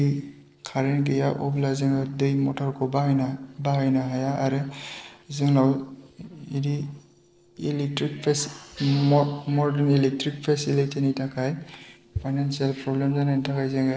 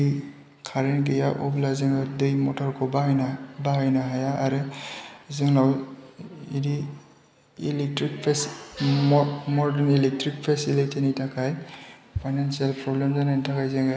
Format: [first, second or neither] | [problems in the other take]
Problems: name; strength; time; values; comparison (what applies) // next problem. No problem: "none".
second | noise reduction (neural separator model SepFormer DNS4)